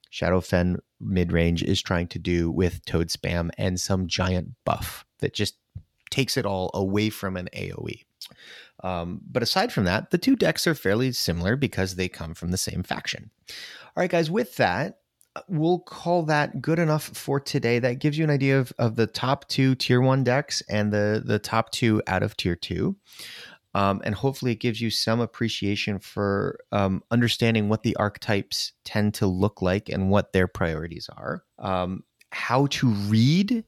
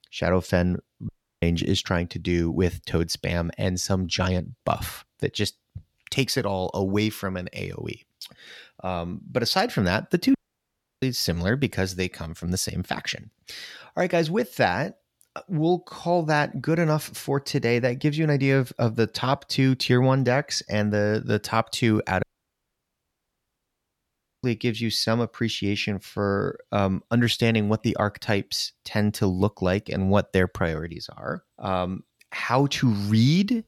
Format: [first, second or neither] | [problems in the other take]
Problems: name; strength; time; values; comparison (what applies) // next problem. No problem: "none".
first | audio cutting out; at 1 s, at 10 s for 0.5 s and at 22 s for 2 s